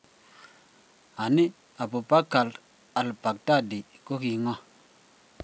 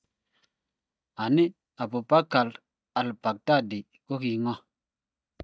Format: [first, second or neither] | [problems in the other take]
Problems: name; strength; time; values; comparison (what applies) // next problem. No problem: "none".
first | noise reduction (neural mask model DeepFilterNet 3)